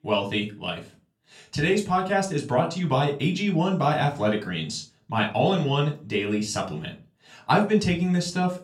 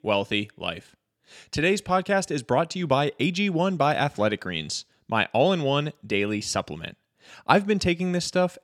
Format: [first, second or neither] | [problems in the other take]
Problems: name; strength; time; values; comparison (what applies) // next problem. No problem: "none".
second | off-mic speech; far // room echo; very slight; dies away in 0.3 s